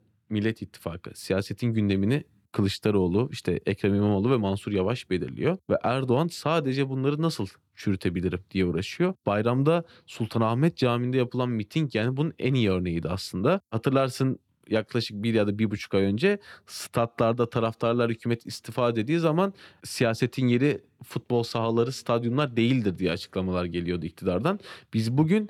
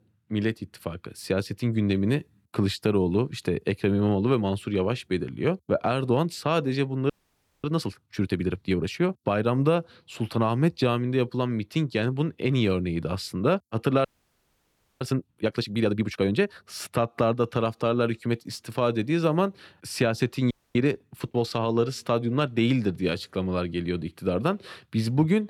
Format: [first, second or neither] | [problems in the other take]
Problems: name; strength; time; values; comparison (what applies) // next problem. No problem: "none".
first | audio freezing; at 7 s for 0.5 s, at 14 s for 1 s and at 21 s